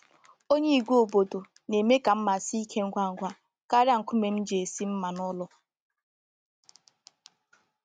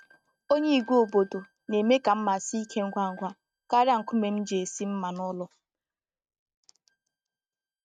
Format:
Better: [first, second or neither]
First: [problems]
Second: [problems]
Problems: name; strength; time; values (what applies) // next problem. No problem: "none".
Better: first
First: none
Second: noise reduction (neural mask model RNNoise)